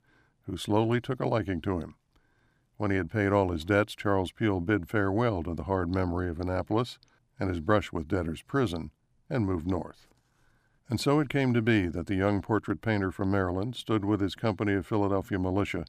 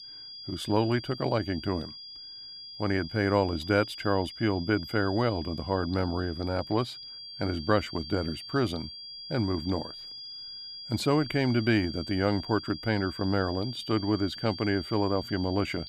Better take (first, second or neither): first